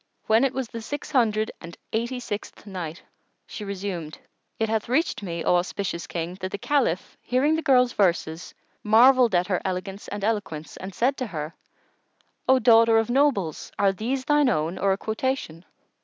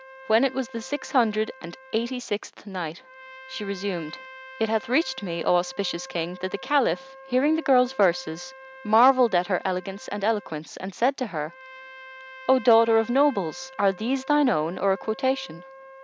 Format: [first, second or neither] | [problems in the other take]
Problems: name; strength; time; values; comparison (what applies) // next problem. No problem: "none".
first | background sound (Trumpet); 20 dB below the speech